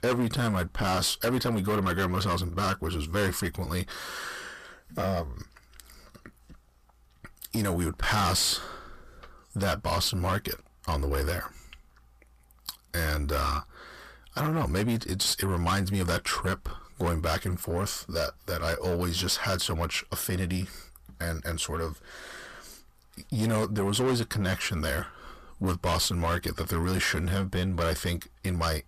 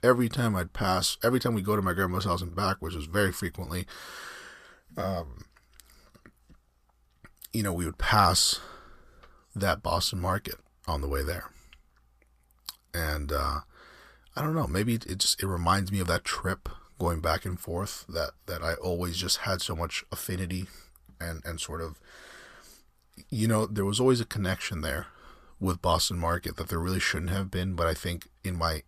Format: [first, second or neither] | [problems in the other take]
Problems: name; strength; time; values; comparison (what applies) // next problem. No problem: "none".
second | distortion; heavy; 8 dB below the speech